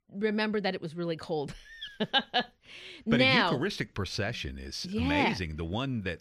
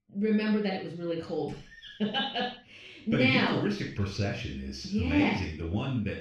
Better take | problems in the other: first | room echo; noticeable; dies away in 0.4 s // off-mic speech; far

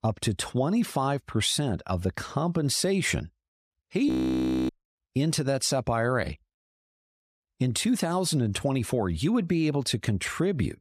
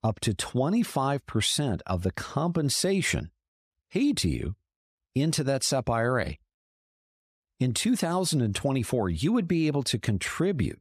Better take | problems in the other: second | audio freezing; at 4 s for 0.5 s

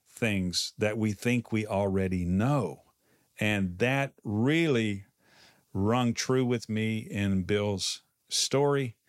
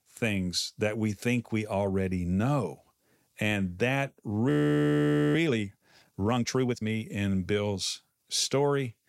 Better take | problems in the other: first | audio freezing; at 4.5 s for 1 s

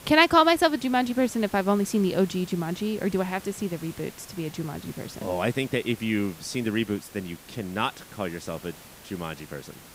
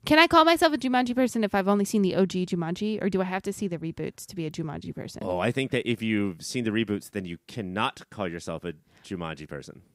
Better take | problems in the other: second | hiss; noticeable; throughout; 20 dB below the speech

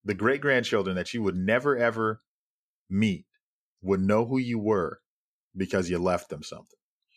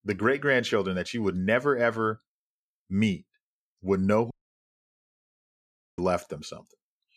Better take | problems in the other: first | audio cutting out; at 4.5 s for 1.5 s

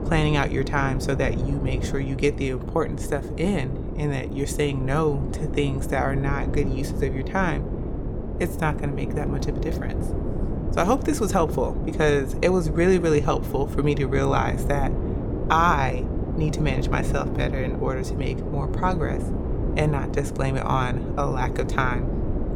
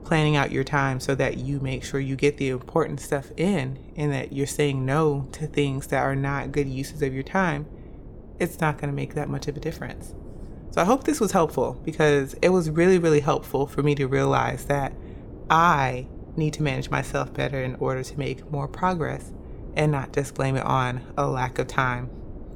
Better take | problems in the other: second | wind noise on the microphone; heavy; 9 dB below the speech; occasional gusts in the second

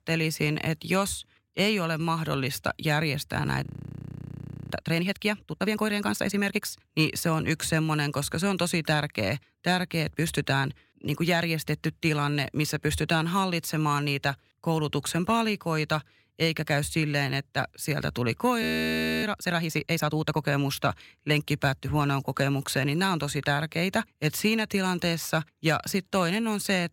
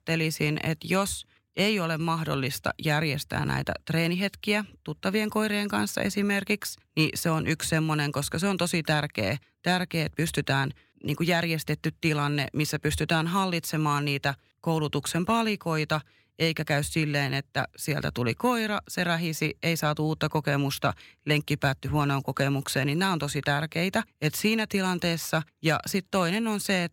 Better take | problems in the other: second | audio freezing; at 3.5 s for 1 s and at 19 s for 0.5 s

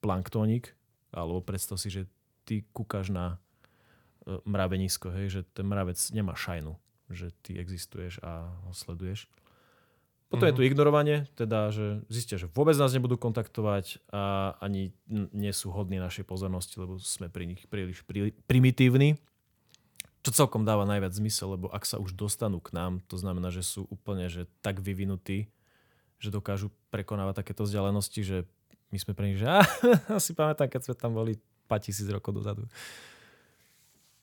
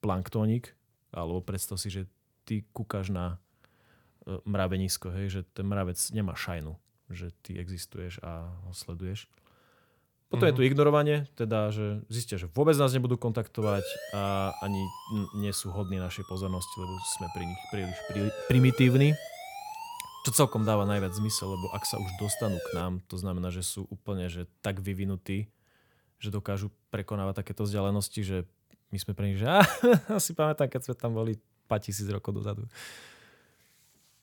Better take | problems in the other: first | siren; noticeable; from 14 to 23 s; peak 7 dB below the speech

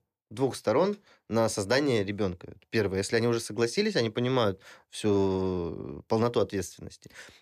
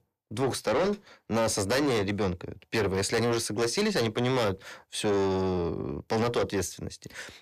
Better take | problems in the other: first | distortion; heavy; 7 dB below the speech

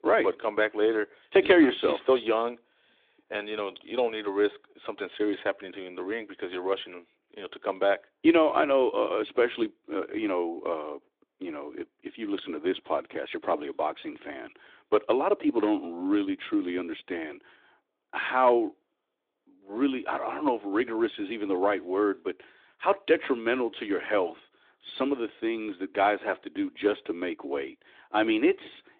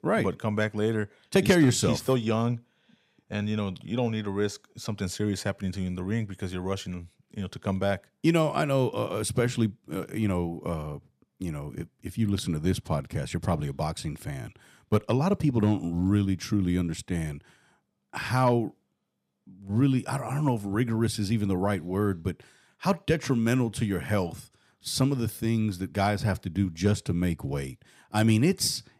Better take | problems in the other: second | phone-call audio

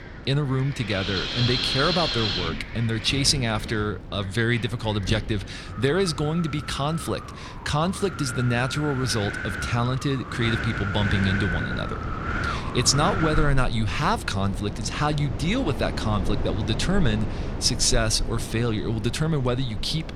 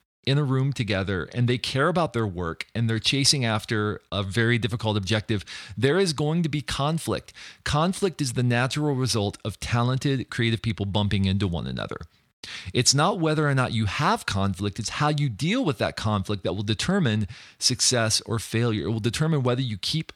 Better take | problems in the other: second | wind in the background; loud; throughout; 6 dB below the speech

